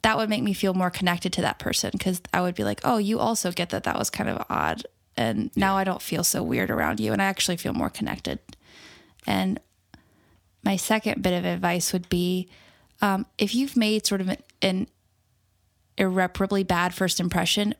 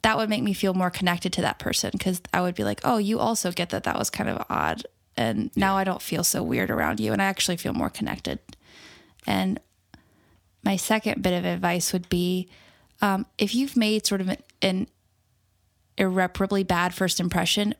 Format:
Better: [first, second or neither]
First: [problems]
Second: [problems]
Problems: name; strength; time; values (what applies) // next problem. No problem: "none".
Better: neither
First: none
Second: none